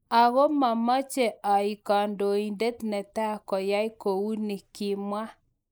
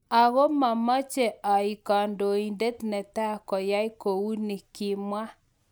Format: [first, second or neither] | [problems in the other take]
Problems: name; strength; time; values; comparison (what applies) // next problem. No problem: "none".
second | noise reduction (neural mask model Resemble Enhance denoiser)